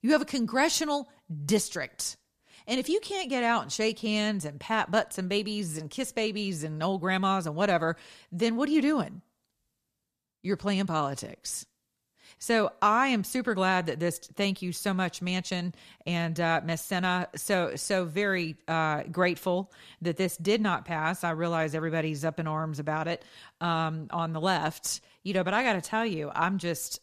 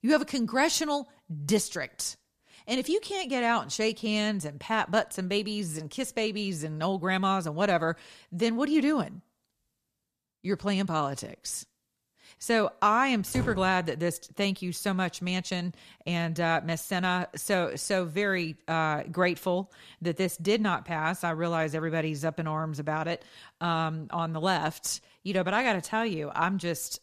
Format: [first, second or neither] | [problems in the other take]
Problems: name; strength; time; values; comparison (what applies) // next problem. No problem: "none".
first | door banging; noticeable; at 13 s; peak 6 dB below the speech